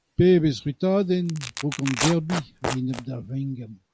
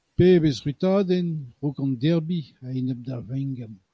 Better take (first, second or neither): second